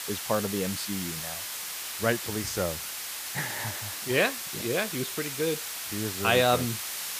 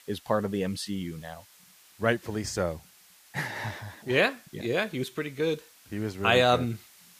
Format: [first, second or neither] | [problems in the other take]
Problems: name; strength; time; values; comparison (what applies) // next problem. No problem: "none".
second | hiss; loud; throughout; 4 dB below the speech; faint in the second